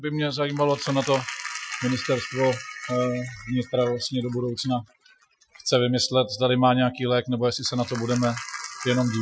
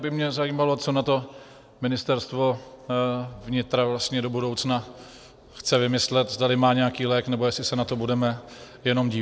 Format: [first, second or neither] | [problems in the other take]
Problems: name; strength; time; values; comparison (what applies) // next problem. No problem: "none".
second | noise reduction (classical method Wiener filter)